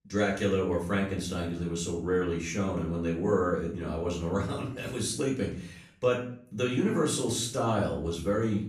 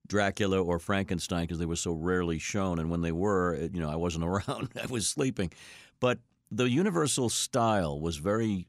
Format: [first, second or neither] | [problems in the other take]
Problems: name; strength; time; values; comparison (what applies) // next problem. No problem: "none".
second | off-mic speech; far // room echo; slight; dies away in 0.5 s